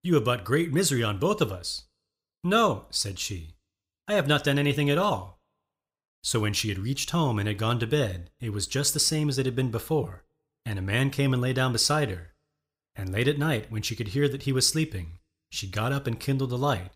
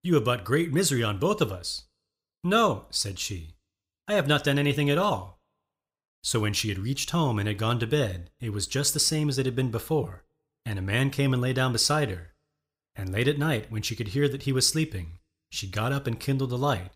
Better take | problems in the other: neither | none

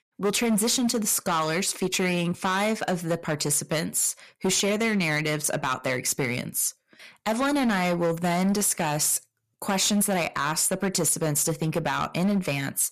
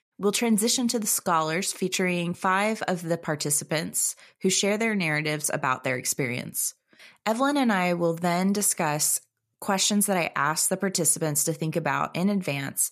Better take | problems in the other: second | distortion; slight; 13% of the sound clipped

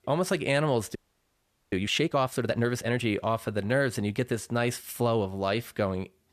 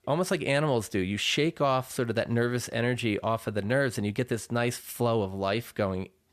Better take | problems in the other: second | audio freezing; at 1 s for 1 s

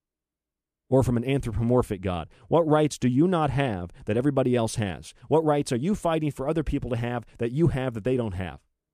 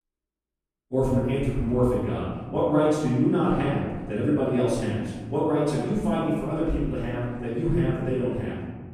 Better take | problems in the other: first | room echo; strong; dies away in 1.4 s // off-mic speech; far

